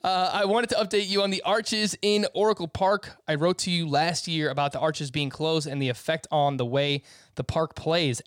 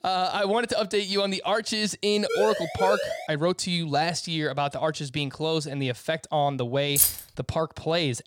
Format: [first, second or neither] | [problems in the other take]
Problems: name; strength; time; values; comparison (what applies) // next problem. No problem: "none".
first | siren; noticeable; at 2.5 s; peak 1 dB below the speech // jangling keys; loud; at 7 s; peak 6 dB above the speech